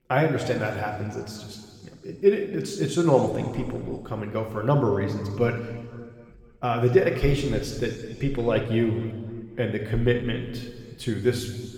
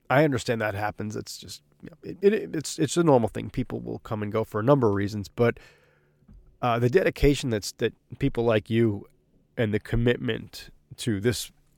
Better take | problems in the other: second | room echo; noticeable; dies away in 1.9 s // off-mic speech; somewhat distant

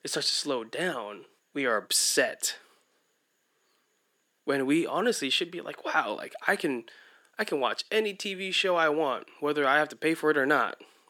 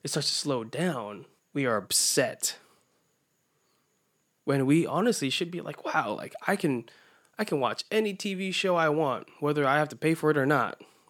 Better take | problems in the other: second | thin; very slightly; fading below 350 Hz

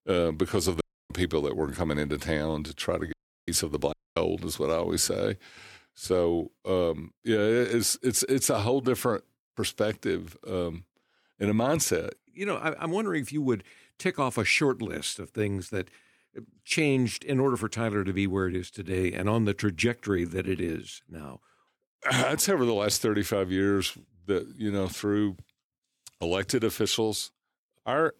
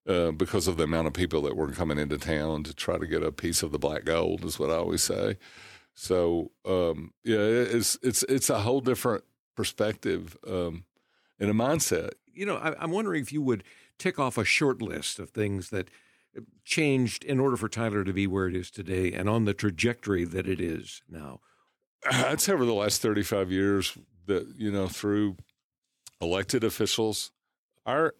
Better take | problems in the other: second | audio cutting out; at 1 s, at 3 s and at 4 s

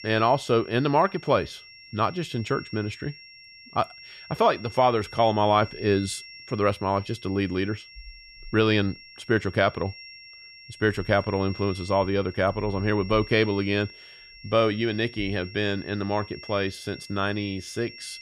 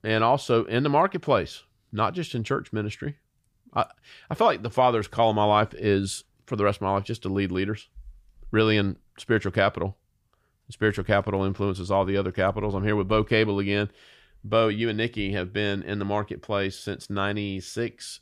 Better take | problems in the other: second | high-pitched whine; noticeable; throughout; 5.5 kHz, 20 dB below the speech

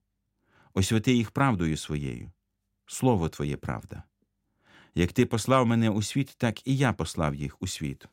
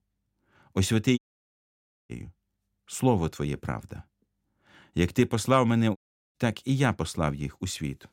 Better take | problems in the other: first | audio cutting out; at 1 s for 1 s and at 6 s

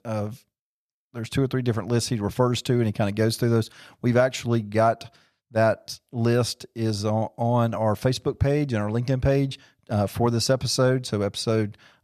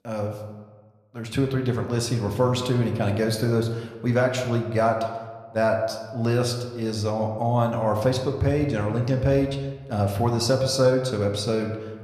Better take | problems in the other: first | room echo; slight; dies away in 1 s

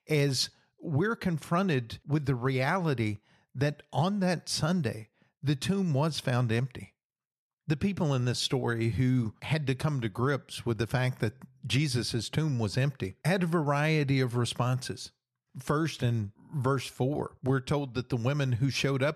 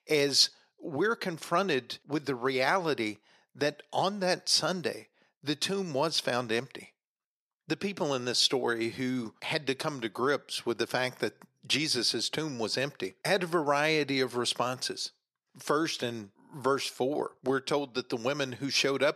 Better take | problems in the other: first | thin; somewhat; fading below 350 Hz

